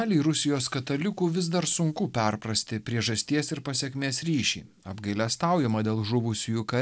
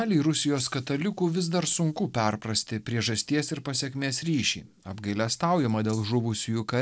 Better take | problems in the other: first | noise reduction (neural separator model SepFormer DNS4)

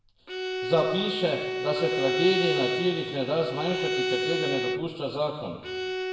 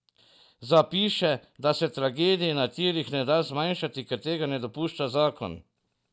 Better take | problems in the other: second | background sound (Bowed string instrument); 1 dB below the speech // room echo; dies away in 1 s

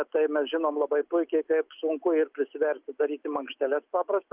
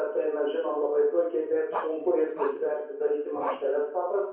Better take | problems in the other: first | background sound (Bark); 11 dB below the speech // room echo; dies away in 0.6 s

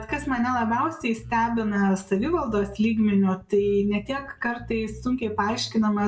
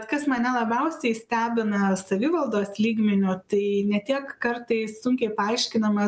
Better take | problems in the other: second | background sound (Bass guitar); 18 dB below the speech // room echo; dies away in 0.2 s

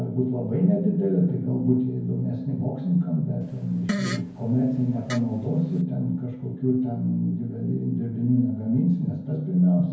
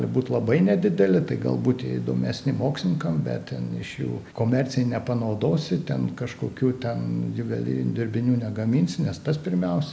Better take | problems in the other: second | background sound (Fart); 11 dB below the speech // room echo; dies away in 0.9 s

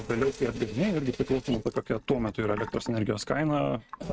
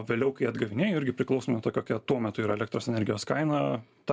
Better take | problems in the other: second | noise reduction (neural mask model RNNoise)

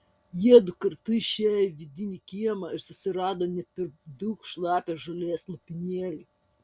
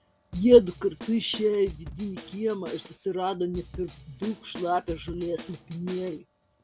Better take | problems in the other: first | background sound (Drum kit); 16 dB below the speech

